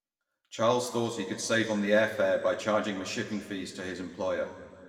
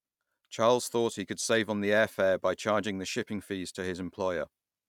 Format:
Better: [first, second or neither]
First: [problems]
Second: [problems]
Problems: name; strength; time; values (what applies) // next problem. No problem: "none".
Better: second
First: room echo; dies away in 2 s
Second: none